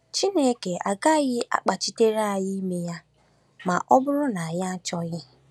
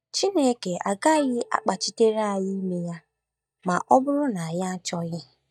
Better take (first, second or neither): first